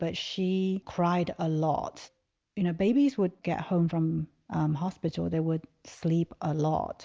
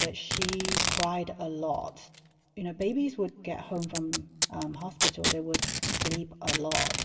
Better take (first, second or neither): first